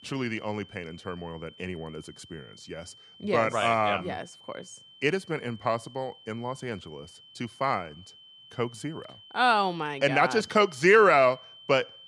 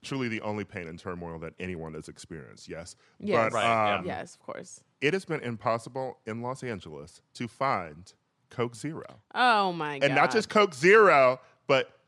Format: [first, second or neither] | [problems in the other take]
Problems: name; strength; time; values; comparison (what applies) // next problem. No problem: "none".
second | high-pitched whine; faint; throughout; 3 kHz, 25 dB below the speech